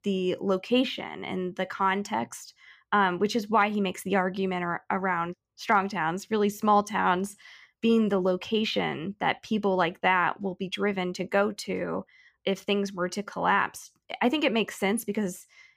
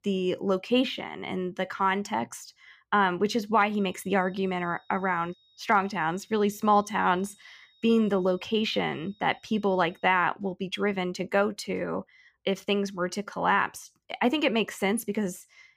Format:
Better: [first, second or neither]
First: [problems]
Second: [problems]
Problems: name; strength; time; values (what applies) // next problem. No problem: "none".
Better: first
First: none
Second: high-pitched whine; faint; from 3.5 to 10 s; 4 kHz, 35 dB below the speech